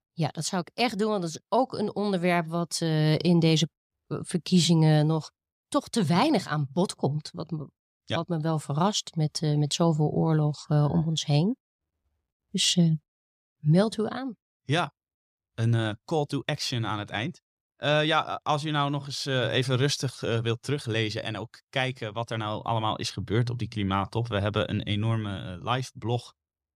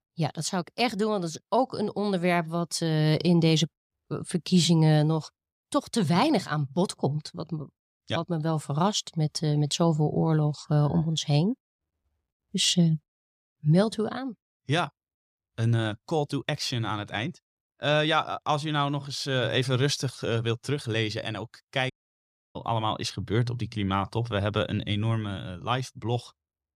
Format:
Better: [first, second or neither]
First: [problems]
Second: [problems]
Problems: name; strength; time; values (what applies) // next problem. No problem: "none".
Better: first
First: none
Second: audio cutting out; at 22 s for 0.5 s